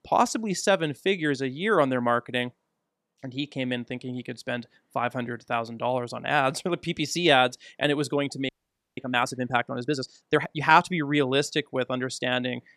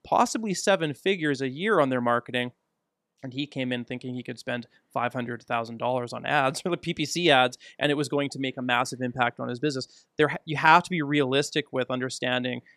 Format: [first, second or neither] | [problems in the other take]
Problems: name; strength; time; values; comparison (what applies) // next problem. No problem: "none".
second | audio freezing; at 8.5 s